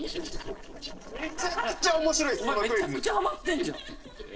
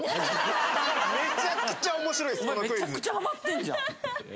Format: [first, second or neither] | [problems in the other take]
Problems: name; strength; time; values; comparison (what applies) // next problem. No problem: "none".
second | noise reduction (neural separator model SepFormer DNS4)